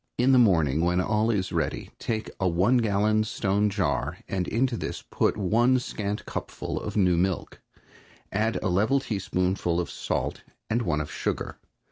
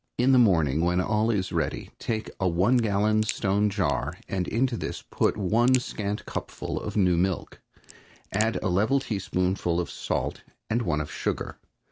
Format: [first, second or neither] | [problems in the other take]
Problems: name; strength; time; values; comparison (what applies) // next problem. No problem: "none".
first | background sound (Crack); 18 dB below the speech